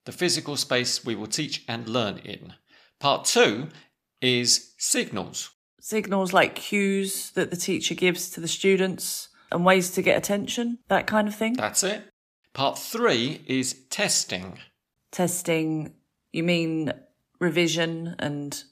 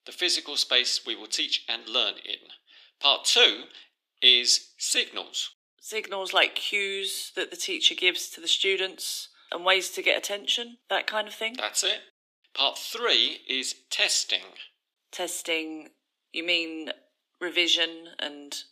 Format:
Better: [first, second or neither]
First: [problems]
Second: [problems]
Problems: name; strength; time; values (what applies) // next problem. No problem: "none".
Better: first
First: none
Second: thin; very; fading below 300 Hz